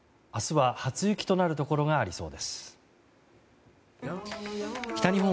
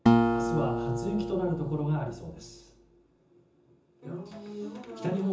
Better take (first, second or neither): first